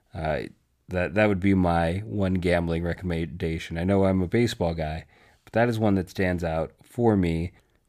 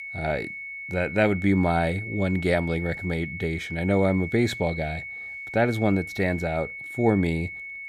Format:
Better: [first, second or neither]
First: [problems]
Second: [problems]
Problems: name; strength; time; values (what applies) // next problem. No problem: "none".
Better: first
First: none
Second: high-pitched whine; loud; throughout; 2 kHz, 9 dB below the speech